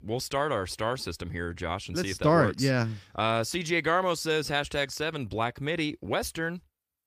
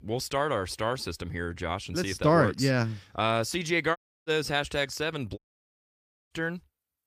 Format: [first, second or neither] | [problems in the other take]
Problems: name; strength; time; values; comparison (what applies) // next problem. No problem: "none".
first | audio cutting out; at 4 s and at 5.5 s for 1 s